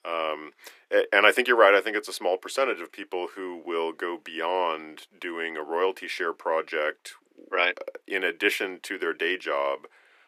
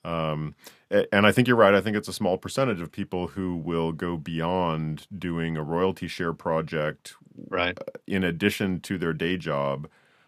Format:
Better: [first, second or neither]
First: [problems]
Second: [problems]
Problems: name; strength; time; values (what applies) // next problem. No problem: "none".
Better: second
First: thin; very; fading below 350 Hz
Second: none